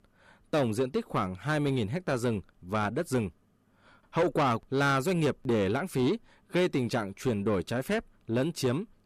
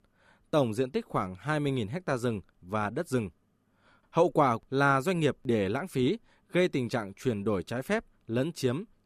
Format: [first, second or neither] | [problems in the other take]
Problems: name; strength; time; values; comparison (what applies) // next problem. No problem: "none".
second | distortion; slight; 10 dB below the speech